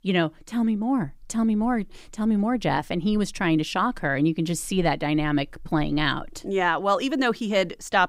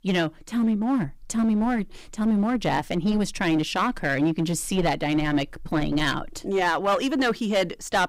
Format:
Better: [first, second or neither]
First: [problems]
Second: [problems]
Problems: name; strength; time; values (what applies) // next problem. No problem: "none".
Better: first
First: none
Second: distortion; slight; 10% of the sound clipped